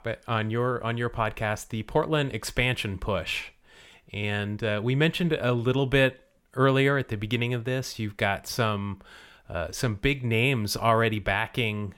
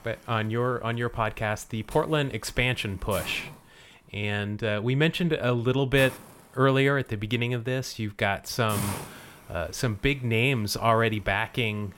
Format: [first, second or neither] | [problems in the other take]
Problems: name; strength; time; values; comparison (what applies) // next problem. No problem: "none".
first | hiss; noticeable; throughout; 15 dB below the speech